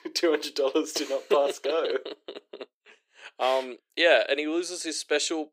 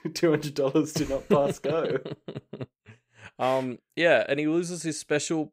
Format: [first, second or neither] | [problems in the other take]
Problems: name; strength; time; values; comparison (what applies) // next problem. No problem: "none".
second | thin; somewhat; fading below 350 Hz